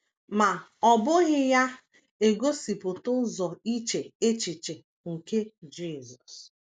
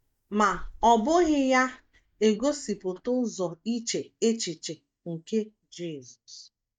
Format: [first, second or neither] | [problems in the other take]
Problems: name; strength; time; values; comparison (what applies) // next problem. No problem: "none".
first | noise reduction (neural mask model DeepFilterNet 3)